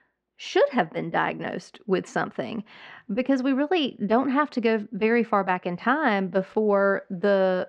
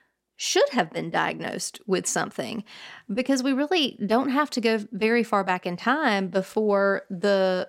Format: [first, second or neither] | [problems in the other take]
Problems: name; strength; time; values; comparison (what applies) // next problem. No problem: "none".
second | muffled; slightly; fading above 2.5 kHz